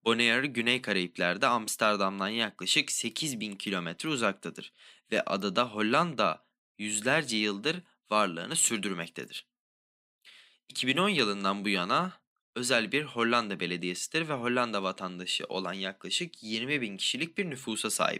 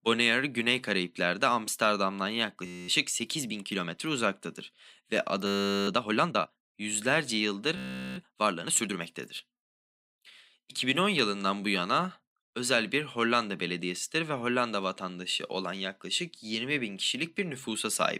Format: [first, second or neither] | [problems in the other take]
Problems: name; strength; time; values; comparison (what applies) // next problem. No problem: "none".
first | audio freezing; at 2.5 s, at 5.5 s and at 8 s